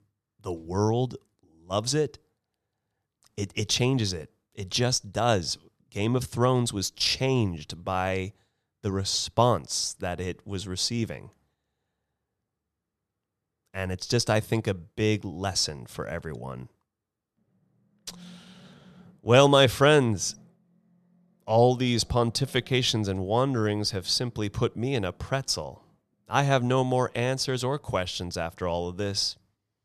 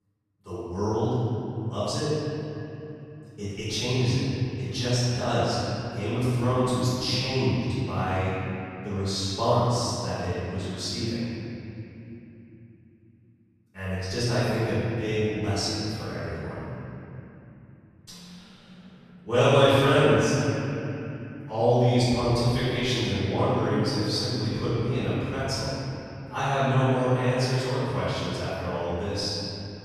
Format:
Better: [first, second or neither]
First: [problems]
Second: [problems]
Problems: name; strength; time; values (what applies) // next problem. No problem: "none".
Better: first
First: none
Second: off-mic speech; far // room echo; strong; dies away in 3 s